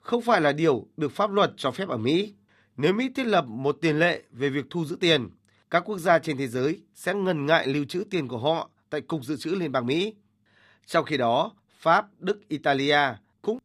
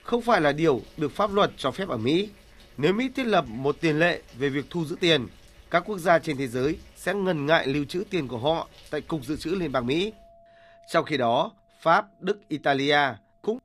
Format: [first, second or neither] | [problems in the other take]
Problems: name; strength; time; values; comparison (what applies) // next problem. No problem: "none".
first | household noises; faint; throughout; 25 dB below the speech